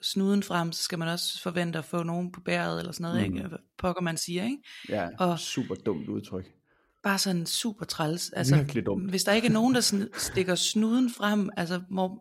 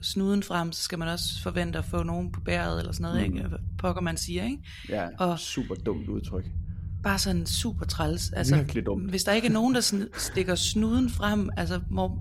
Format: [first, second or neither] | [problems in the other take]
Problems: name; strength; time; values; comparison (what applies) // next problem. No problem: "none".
first | low rumble; faint; throughout; 20 dB below the speech